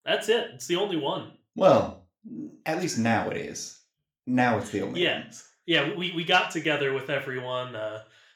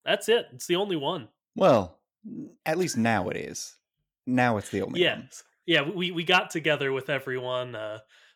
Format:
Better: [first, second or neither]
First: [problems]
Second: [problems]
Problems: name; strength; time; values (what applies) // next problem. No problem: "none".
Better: second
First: room echo; slight; dies away in 0.4 s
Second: none